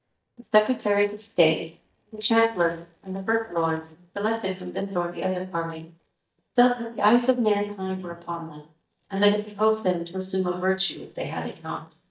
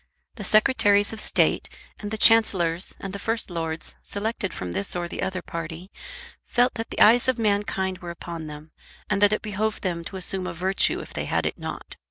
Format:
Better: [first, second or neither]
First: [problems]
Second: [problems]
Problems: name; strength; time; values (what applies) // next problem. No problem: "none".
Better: second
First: noise reduction (neural mask model DeepFilterNet 3)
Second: none